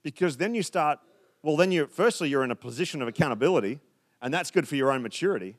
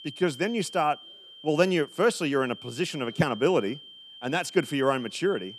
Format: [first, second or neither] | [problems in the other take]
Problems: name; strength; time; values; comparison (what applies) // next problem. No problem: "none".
first | high-pitched whine; noticeable; throughout; 3 kHz, 15 dB below the speech